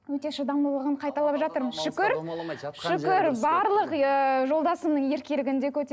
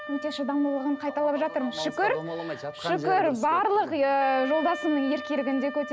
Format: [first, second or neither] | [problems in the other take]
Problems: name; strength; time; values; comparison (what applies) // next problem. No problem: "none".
first | background sound (Wind instrument, woodwind instrument); 14 dB below the speech